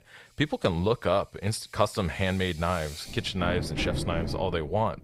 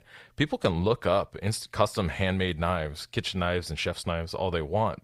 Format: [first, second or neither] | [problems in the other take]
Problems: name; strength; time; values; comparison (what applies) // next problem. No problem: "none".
second | machinery noise; loud; throughout; 8 dB below the speech